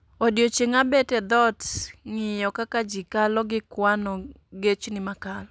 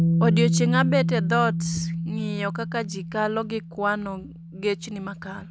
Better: first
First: none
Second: background sound (Bass guitar); 1 dB above the speech

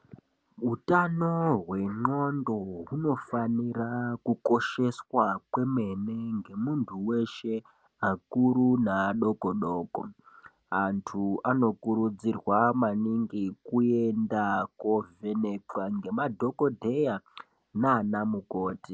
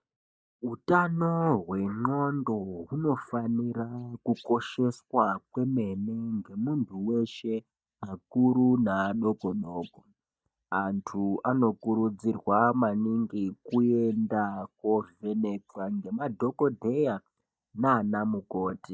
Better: first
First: none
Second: noise reduction (neural mask model DeepFilterNet 3)

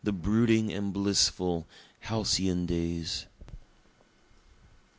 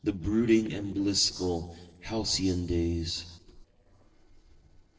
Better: first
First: none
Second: noise reduction (neural separator model SepFormer DNS4)

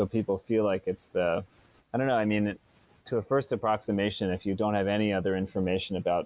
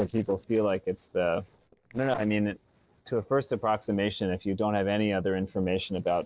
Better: first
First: none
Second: noise reduction (neural separator model SepFormer DNS4)

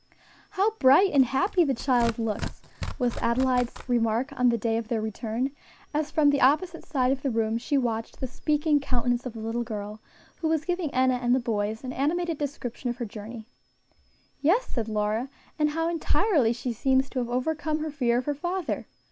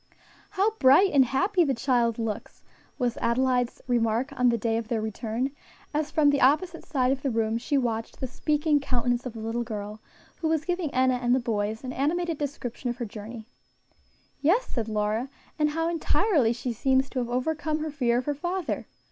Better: second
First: background sound (Tearing); 11 dB below the speech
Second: none

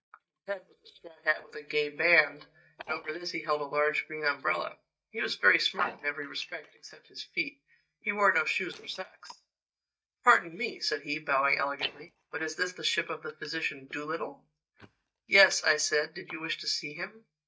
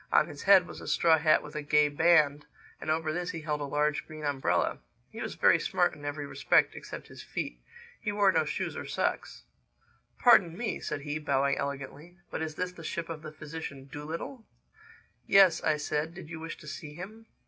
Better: second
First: noise reduction (neural mask model DeepFilterNet 3)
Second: none

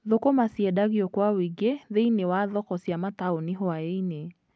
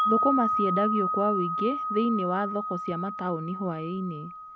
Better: first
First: none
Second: background sound (Wind chime); 1 dB below the speech

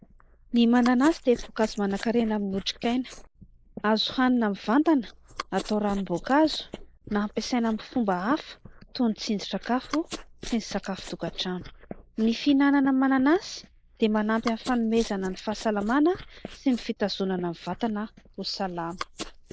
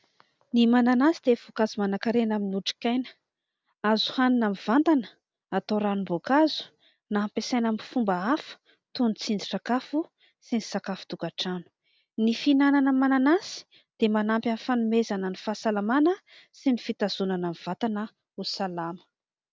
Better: second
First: noise reduction (neural mask model Resemble Enhance denoiser)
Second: none

